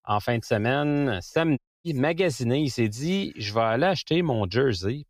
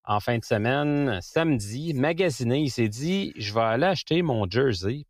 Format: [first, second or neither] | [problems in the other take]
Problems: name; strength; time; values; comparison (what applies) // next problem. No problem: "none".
second | audio cutting out; at 1.5 s